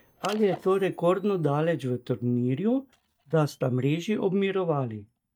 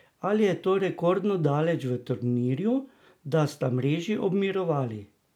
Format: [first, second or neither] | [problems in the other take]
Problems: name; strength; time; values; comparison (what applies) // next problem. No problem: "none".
second | noise reduction (neural mask model DeepFilterNet 3)